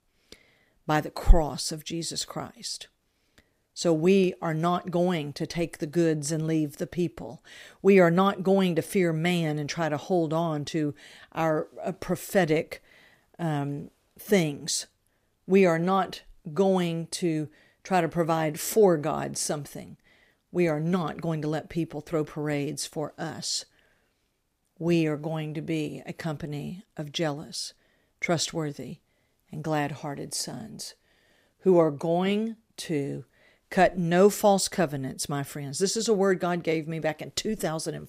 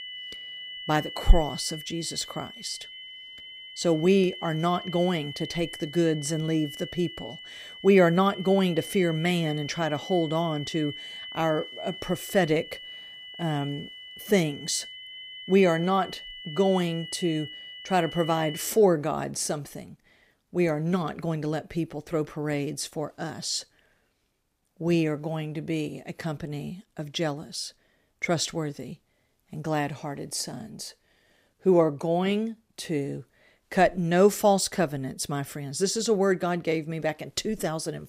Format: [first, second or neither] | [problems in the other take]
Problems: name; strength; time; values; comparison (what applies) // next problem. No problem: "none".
first | high-pitched whine; noticeable; until 19 s; 3 kHz, 10 dB below the speech